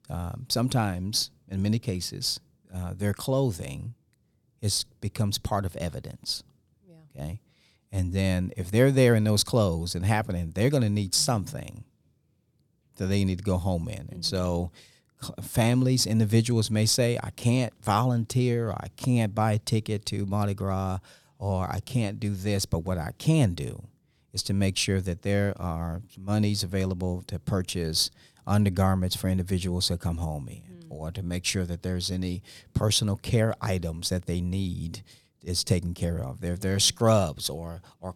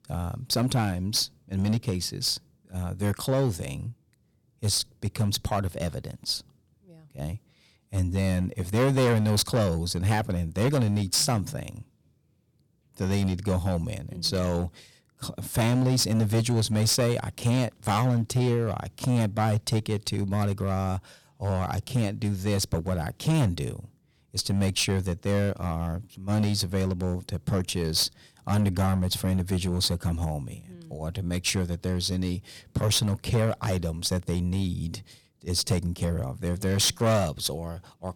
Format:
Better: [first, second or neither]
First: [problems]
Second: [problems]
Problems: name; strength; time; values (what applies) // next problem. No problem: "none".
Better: first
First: none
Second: distortion; slight; 6% of the sound clipped